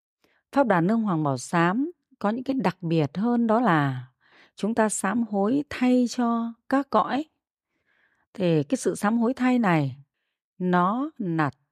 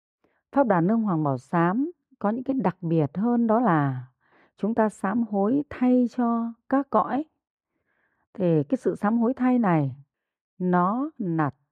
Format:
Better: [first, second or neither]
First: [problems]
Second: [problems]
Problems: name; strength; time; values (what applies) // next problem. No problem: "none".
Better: first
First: none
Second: muffled; very; fading above 2.5 kHz